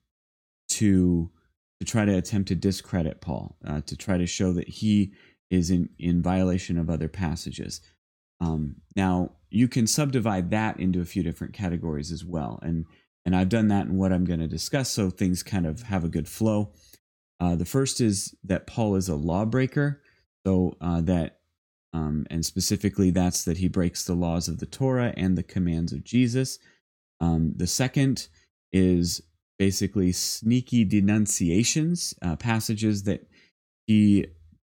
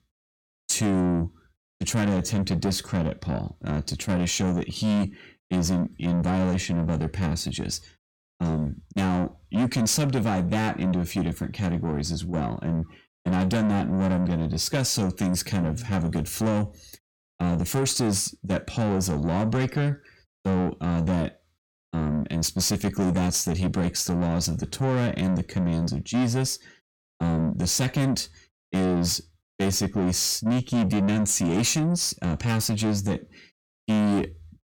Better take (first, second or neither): first